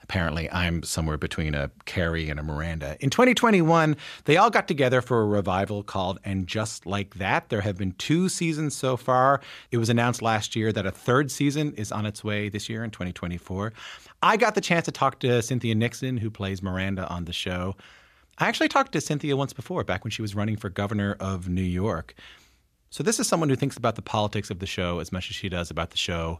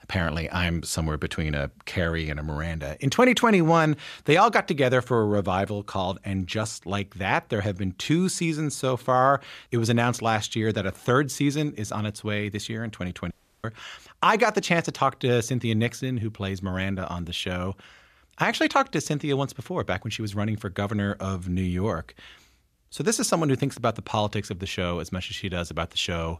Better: first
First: none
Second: audio cutting out; at 13 s

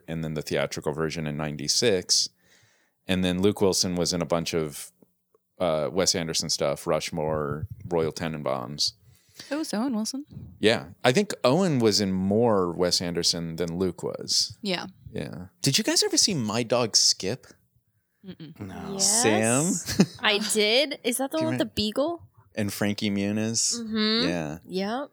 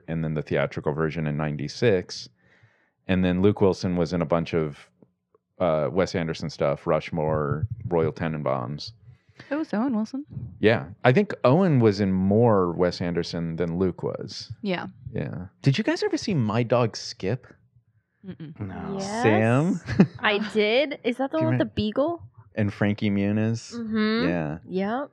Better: first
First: none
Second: muffled; very; fading above 2 kHz

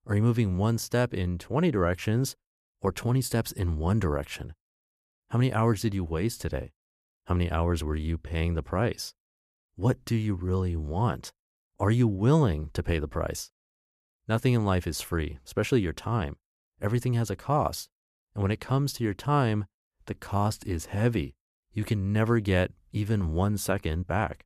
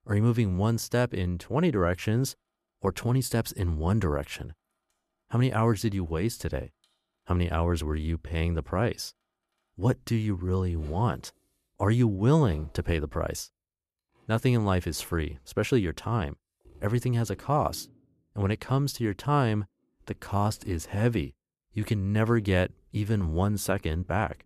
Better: first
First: none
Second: household noises; faint; throughout; 30 dB below the speech

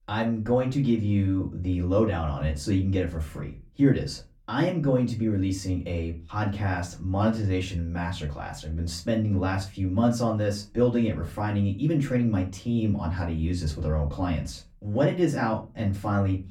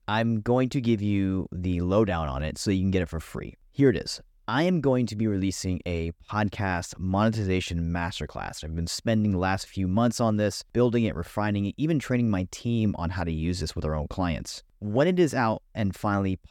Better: second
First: off-mic speech; far // room echo; very slight; dies away in 0.3 s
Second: none

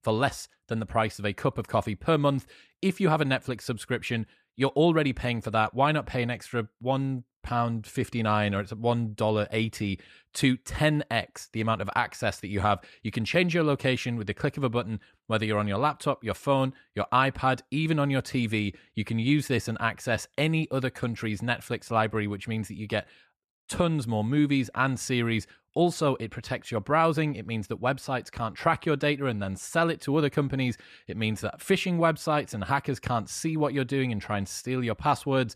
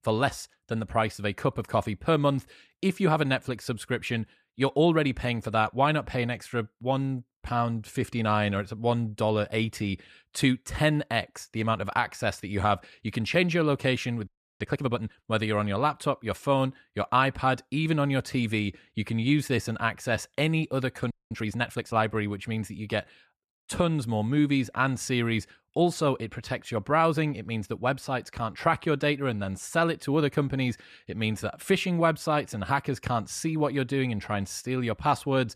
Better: first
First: none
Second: audio freezing; at 14 s and at 21 s

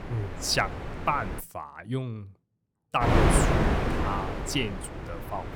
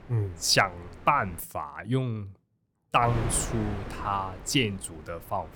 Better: second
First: wind noise on the microphone; heavy; until 1.5 s and from 3 s on; as loud as the speech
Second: wind noise on the microphone; occasional gusts; until 1.5 s and from 3 s on; 15 dB below the speech

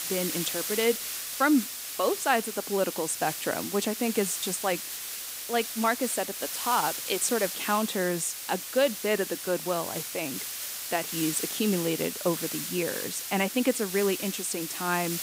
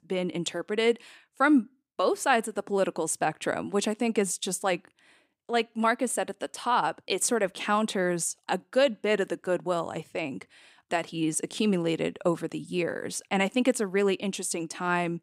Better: second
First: hiss; loud; throughout; 4 dB below the speech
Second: none

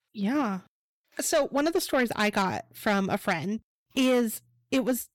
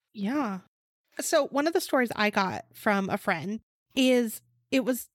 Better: second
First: distortion; slight; 10 dB below the speech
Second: none

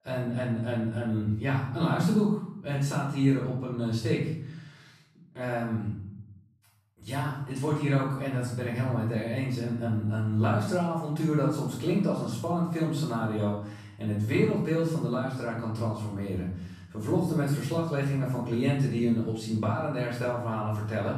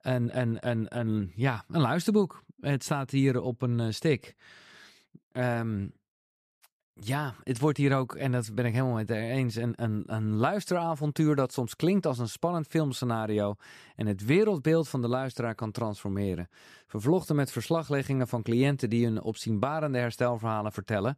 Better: second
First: off-mic speech; far // room echo; noticeable; dies away in 0.7 s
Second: none

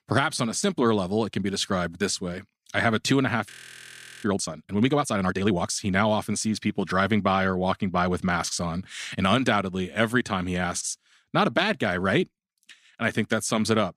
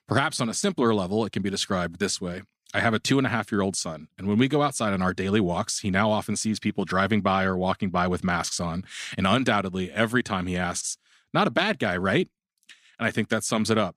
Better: second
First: audio freezing; at 3.5 s for 0.5 s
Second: none

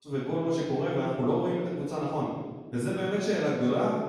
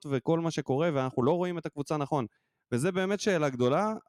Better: second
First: room echo; strong; dies away in 1.2 s // off-mic speech; far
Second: none

